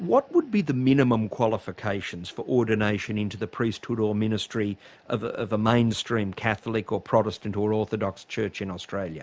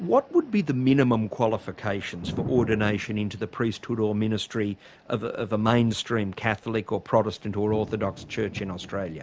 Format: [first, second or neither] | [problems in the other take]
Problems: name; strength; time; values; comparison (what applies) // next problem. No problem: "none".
first | background sound (Thunder); 16 dB below the speech